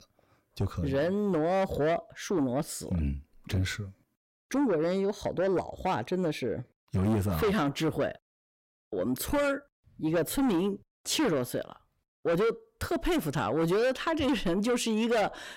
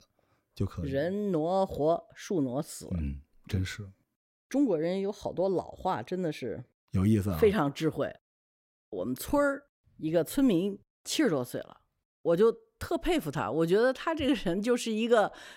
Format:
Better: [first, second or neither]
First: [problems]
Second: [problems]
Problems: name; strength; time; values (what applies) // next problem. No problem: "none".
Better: second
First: distortion; heavy; 8 dB below the speech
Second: none